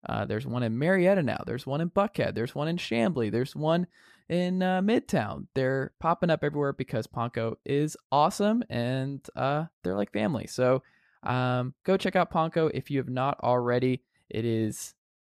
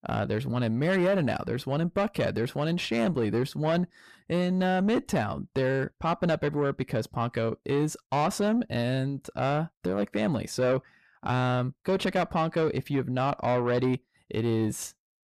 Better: first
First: none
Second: distortion; slight; 10 dB below the speech

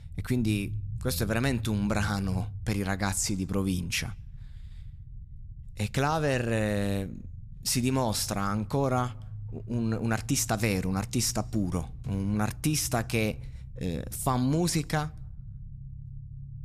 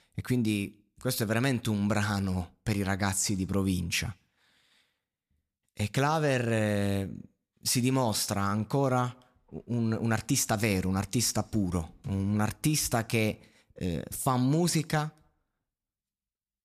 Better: second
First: low rumble; faint; throughout; 25 dB below the speech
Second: none

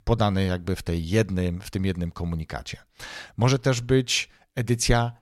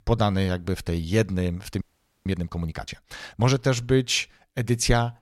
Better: first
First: none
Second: audio freezing; at 2 s

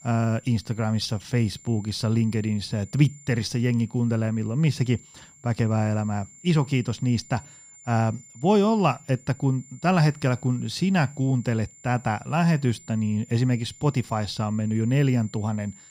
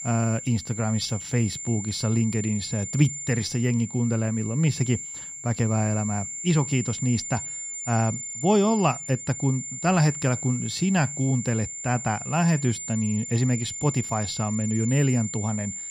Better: first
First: high-pitched whine; faint; throughout; 7 kHz, 25 dB below the speech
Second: high-pitched whine; loud; throughout; 7 kHz, 7 dB below the speech

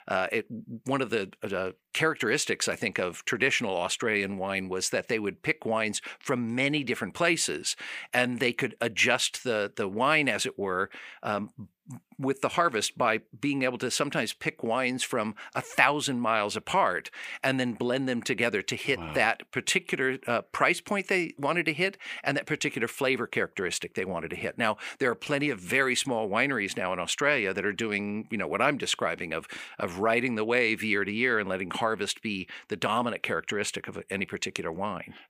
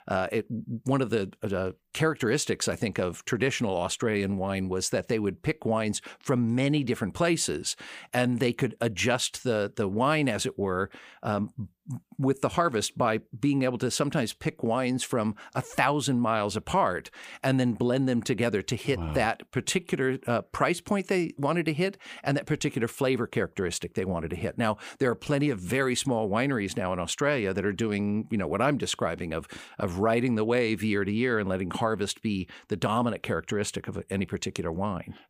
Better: second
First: thin; very slightly; fading below 300 Hz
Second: none

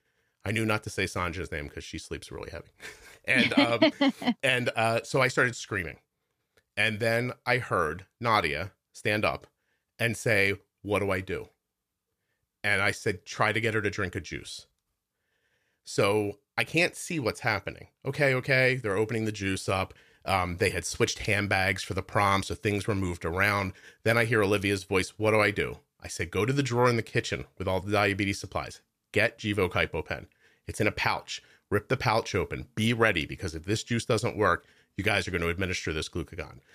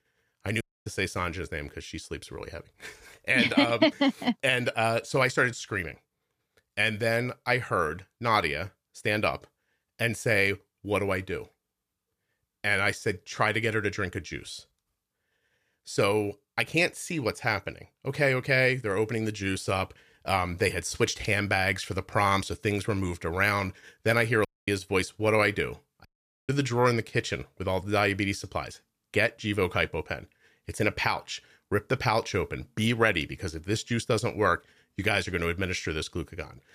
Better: first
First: none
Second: audio cutting out; at 0.5 s, at 24 s and at 26 s

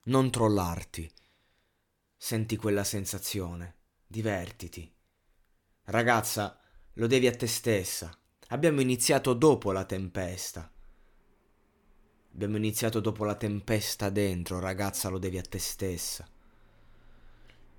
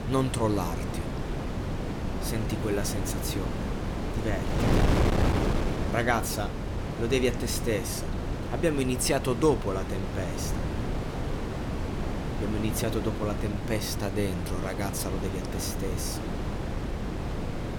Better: first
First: none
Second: wind noise on the microphone; heavy; 4 dB below the speech

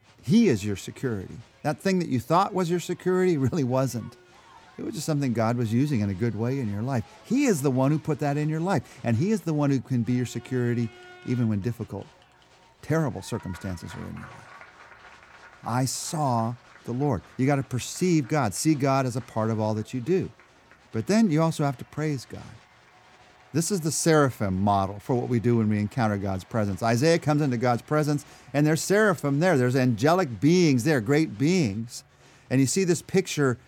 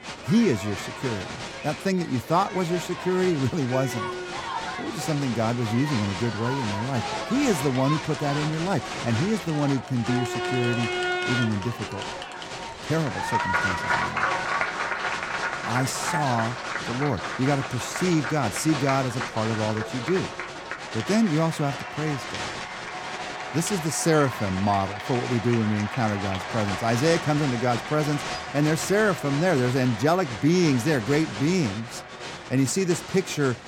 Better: first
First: crowd noise; faint; throughout; 25 dB below the speech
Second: crowd noise; loud; throughout; 5 dB below the speech

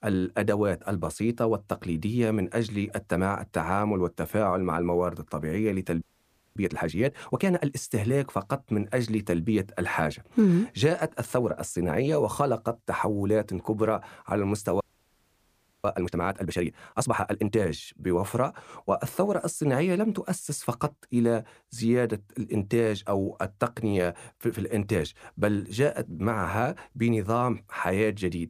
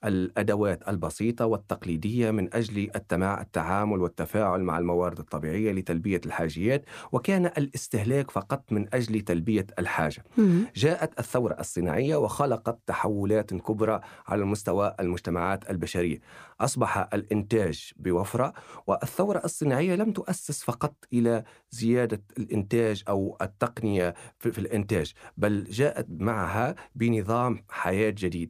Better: second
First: audio freezing; at 6 s for 0.5 s and at 15 s for 1 s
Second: none

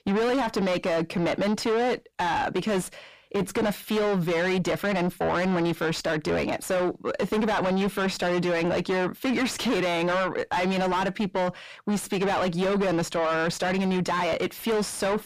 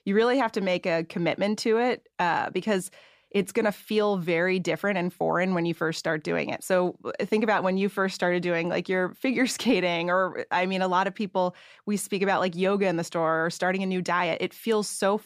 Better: second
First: distortion; heavy; 6 dB below the speech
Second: none

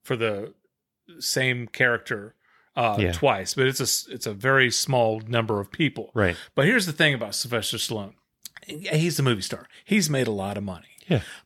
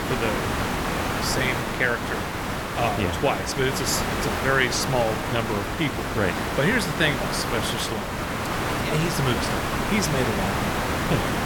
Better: first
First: none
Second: hiss; loud; throughout; as loud as the speech

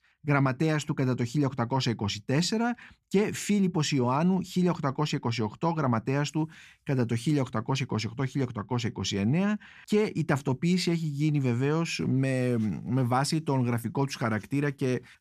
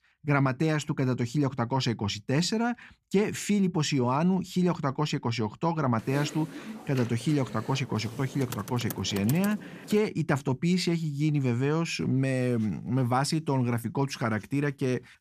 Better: first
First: none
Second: keyboard typing; noticeable; from 6 to 10 s; peak 9 dB below the speech

